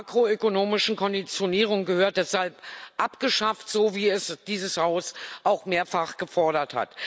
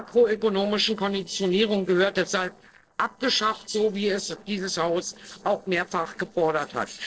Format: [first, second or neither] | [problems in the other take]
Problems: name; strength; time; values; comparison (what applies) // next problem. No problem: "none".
first | noise reduction (neural separator model SepFormer DNS4)